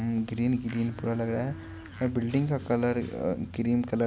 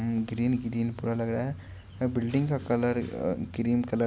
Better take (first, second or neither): second